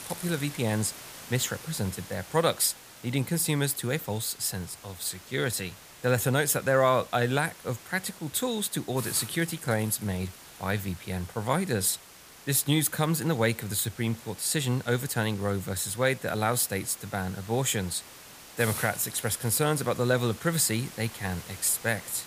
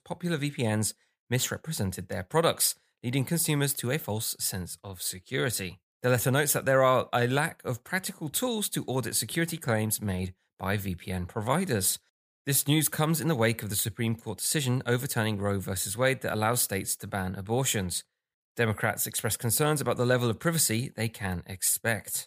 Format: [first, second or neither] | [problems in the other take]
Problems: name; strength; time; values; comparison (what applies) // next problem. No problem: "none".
second | hiss; noticeable; throughout; 15 dB below the speech